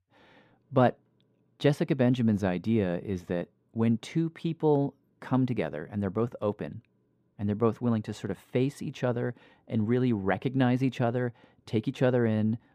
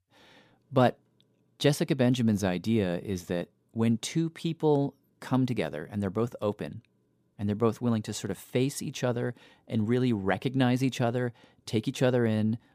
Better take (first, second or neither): second